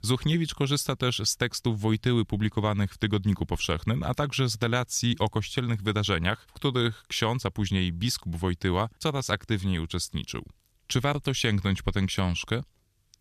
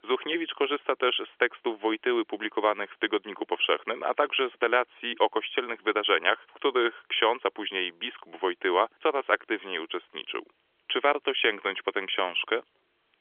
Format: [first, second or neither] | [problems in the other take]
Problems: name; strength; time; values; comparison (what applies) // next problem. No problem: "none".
first | phone-call audio; nothing above 3.5 kHz